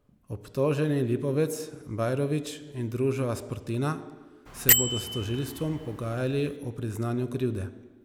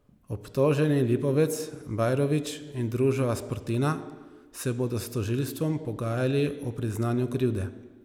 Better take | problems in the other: second | background sound (Bell); 1 dB above the speech

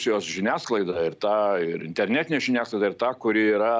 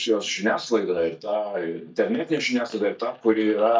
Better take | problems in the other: first | noise reduction (neural mask model DeepFilterNet 3)

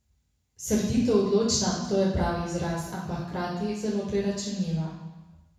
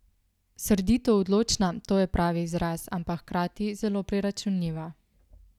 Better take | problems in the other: second | room echo; dies away in 1 s

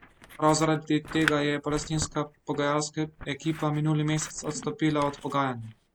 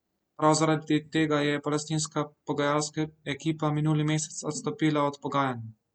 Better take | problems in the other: second | background sound (Scissors); 13 dB below the speech

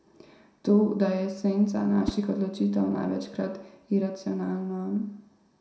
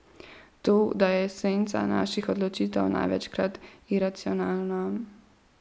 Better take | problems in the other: second | background sound (Whoosh, swoosh, swish); 13 dB below the speech // room echo; dies away in 0.5 s

